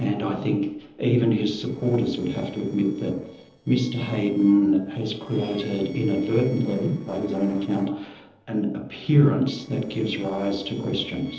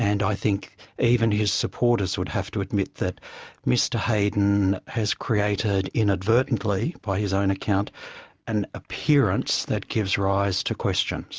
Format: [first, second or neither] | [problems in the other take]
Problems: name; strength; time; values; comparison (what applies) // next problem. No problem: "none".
second | noise reduction (neural separator model SepFormer DNS4)